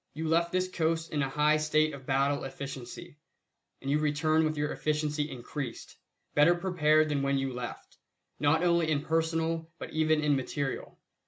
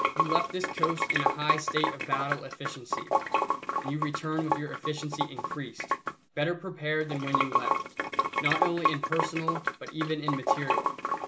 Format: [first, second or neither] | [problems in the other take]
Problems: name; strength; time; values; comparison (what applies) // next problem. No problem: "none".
first | background sound (Sink (filling or washing) / Water); 3 dB above the speech